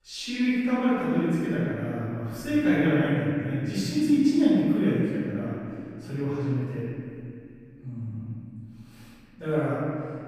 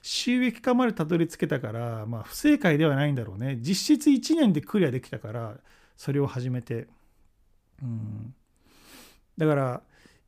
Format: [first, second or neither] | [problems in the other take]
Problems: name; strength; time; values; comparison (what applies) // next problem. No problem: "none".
second | off-mic speech; far // room echo; strong; dies away in 2.7 s